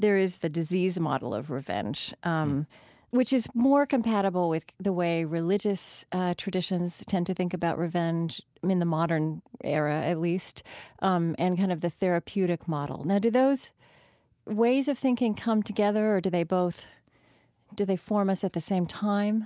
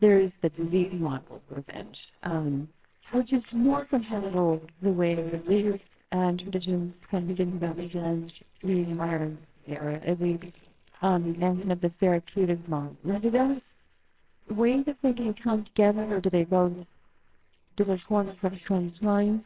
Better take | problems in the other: first | noise reduction (neural separator model SepFormer WHAMR!)

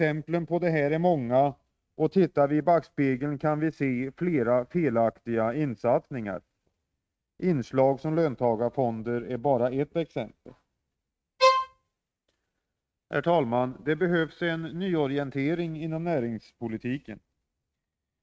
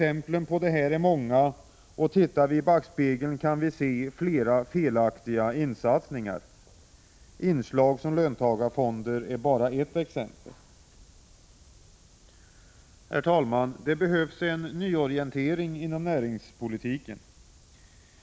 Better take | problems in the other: second | noise reduction (neural mask model RNNoise)

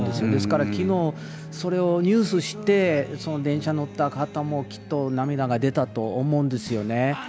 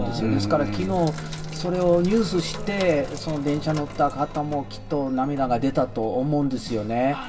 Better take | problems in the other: first | background sound (Sink (filling or washing)); 12 dB below the speech // room echo; dies away in 0.2 s

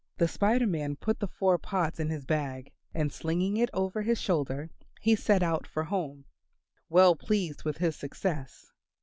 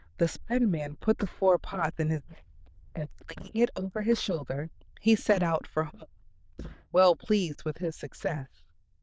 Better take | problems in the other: first | noise reduction (neural diffusion model UNIVERSE++)

